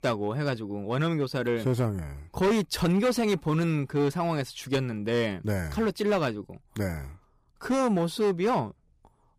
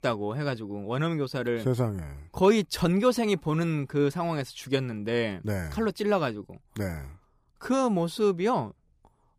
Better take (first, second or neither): second